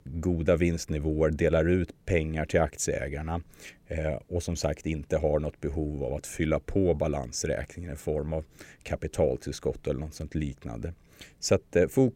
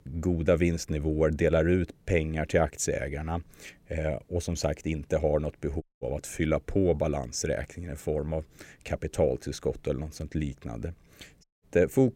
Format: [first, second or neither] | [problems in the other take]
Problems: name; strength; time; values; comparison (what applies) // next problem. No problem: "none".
first | audio cutting out; at 6 s and at 11 s